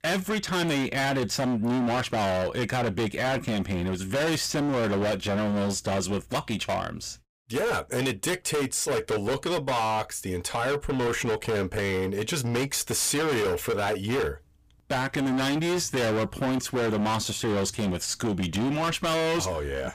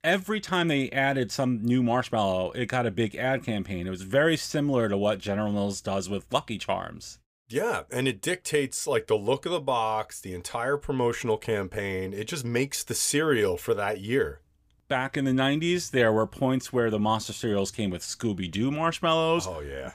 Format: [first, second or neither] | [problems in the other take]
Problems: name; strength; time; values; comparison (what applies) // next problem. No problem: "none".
second | distortion; heavy; 30% of the sound clipped